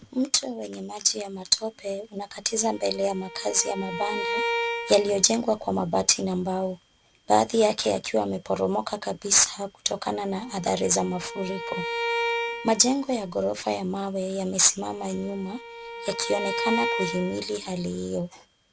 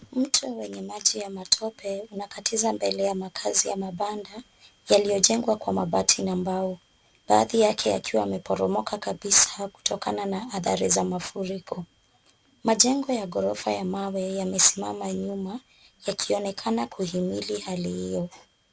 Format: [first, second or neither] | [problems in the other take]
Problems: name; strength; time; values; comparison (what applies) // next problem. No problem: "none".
second | background sound (Bowed string instrument); 6 dB below the speech